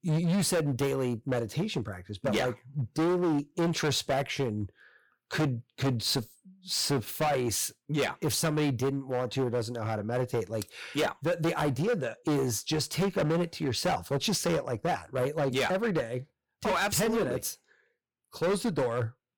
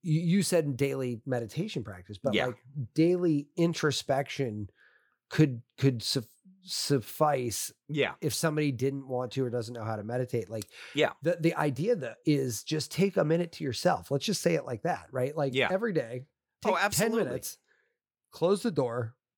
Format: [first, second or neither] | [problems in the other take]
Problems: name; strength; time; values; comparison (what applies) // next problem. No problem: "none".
second | distortion; heavy; 15% of the sound clipped